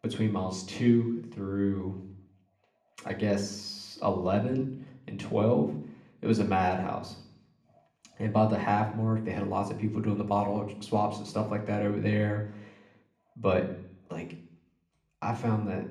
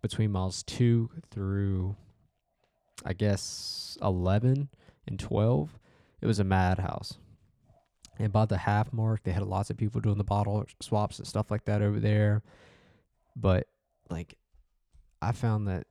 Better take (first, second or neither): second